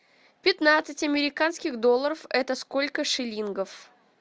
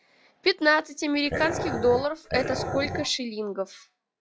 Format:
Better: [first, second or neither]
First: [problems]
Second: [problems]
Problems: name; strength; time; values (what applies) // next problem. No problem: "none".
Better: first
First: none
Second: noise reduction (classical method log-MMSE)